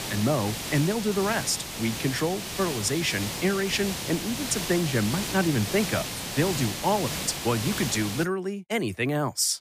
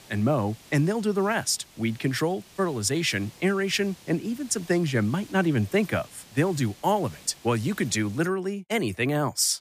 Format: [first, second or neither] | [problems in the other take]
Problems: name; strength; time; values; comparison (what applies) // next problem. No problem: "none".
second | hiss; loud; until 8 s; 4 dB below the speech; faint in the second